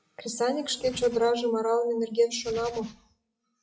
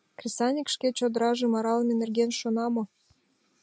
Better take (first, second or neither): second